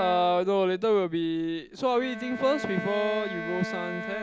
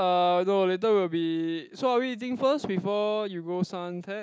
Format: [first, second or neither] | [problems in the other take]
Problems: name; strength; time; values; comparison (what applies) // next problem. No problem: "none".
second | background sound (Bowed string instrument); 11 dB below the speech